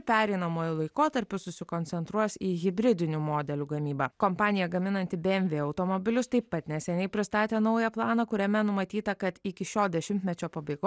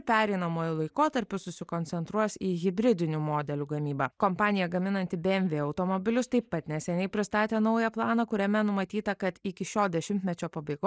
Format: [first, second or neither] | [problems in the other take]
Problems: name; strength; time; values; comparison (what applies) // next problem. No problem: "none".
first | noise reduction (neural mask model Resemble Enhance denoiser)